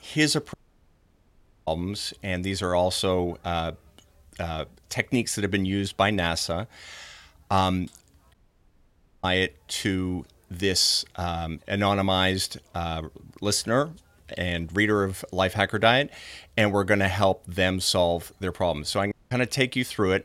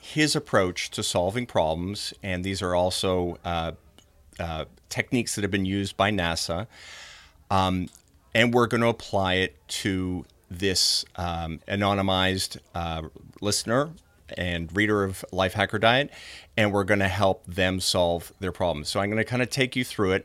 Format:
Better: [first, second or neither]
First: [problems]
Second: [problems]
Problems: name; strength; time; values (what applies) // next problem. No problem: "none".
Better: second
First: audio cutting out; at 0.5 s for 1 s, at 8.5 s for 1 s and at 19 s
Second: none